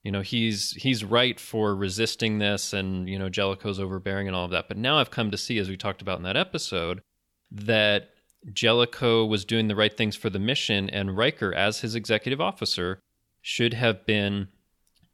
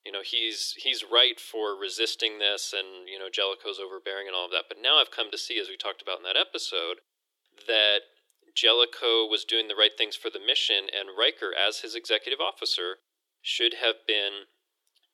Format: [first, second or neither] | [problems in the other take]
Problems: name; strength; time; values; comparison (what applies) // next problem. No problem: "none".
first | thin; very; fading below 350 Hz